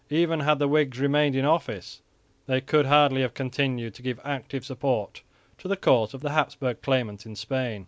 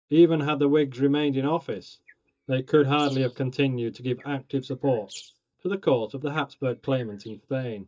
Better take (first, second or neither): first